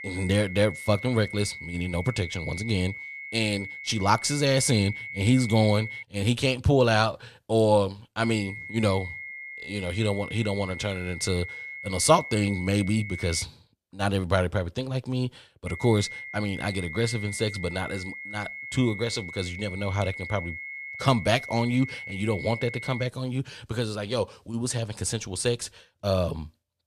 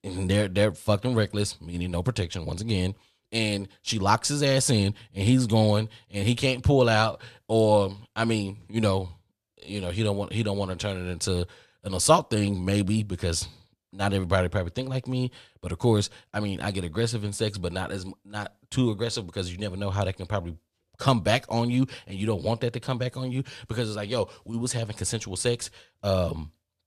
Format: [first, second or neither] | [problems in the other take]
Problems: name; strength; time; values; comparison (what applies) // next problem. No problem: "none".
second | high-pitched whine; loud; until 6 s, from 8 to 13 s and from 16 to 23 s; 2 kHz, 10 dB below the speech